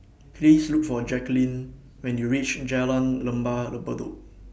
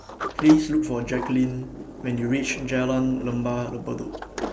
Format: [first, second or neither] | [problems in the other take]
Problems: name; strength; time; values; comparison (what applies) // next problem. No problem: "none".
first | background sound (Sliding door); 11 dB below the speech